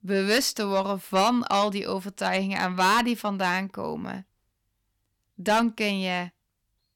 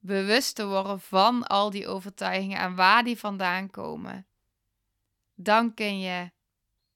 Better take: second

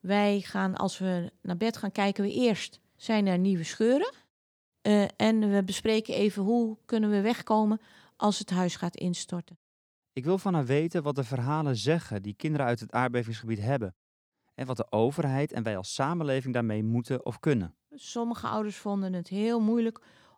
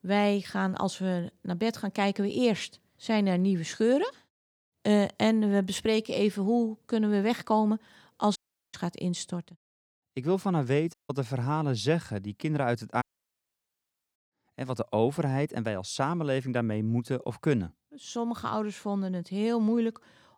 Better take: first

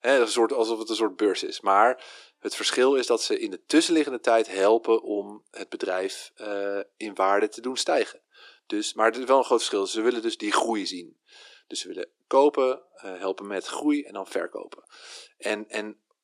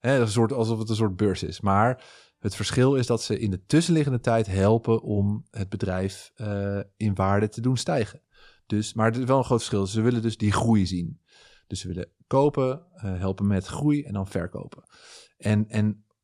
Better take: second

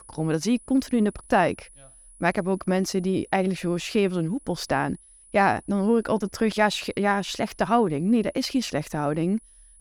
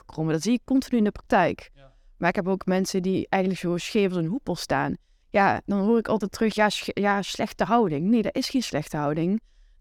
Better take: second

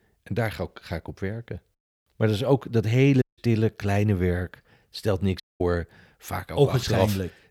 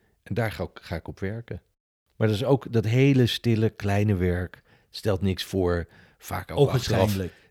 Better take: second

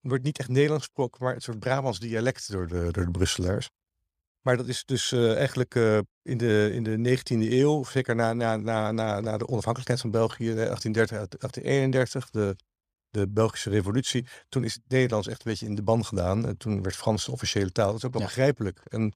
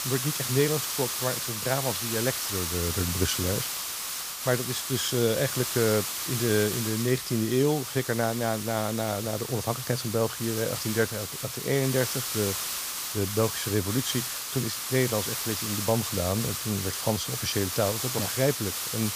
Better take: first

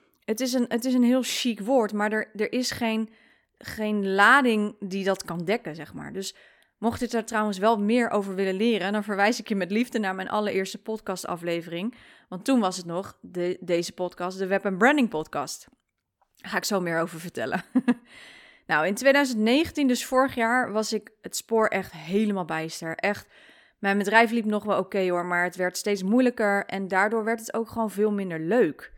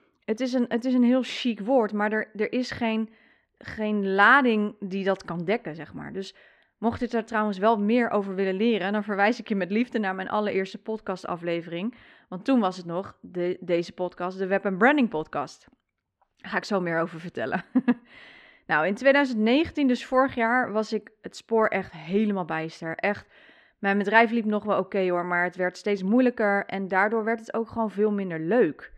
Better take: first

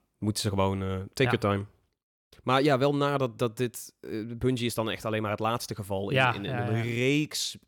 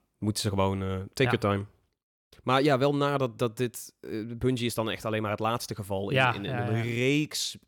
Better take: neither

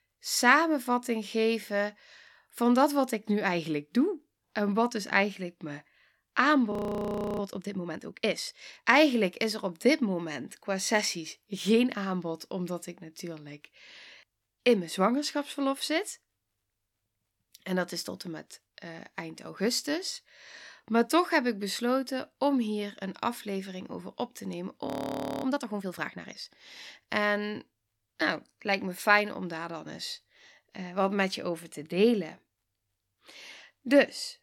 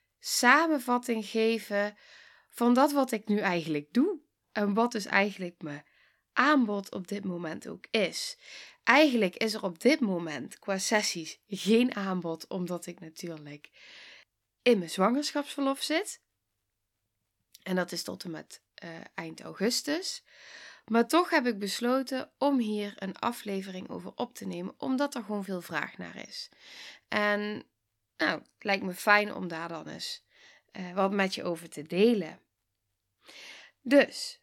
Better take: second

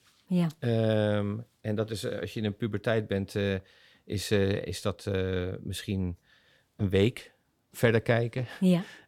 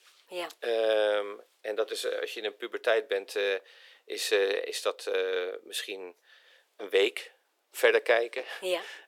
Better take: first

